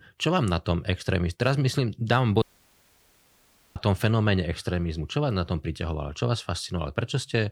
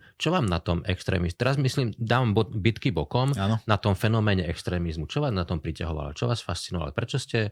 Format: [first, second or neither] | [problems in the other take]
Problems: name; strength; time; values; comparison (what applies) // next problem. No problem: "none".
second | audio cutting out; at 2.5 s for 1.5 s